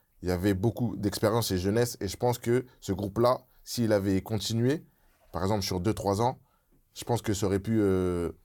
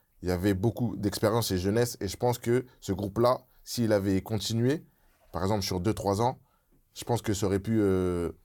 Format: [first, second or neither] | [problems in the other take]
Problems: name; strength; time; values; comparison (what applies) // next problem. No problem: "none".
neither | none